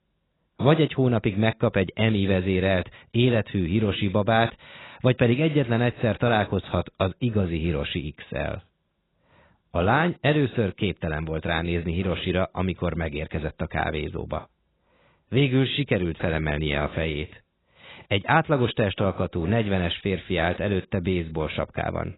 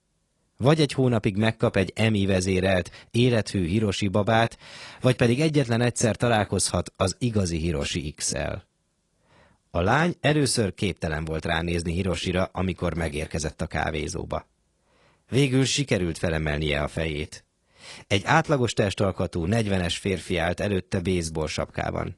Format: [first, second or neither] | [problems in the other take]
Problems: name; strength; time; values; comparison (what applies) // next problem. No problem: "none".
second | garbled, watery; badly; nothing above 4 kHz; slightly in the second